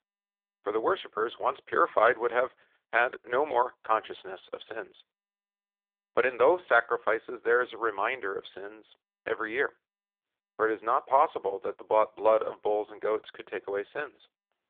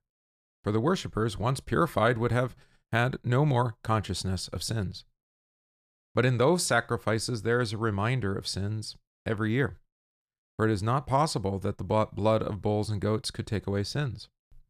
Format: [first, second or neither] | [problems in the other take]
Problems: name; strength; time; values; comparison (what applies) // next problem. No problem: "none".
second | phone-call audio; poor line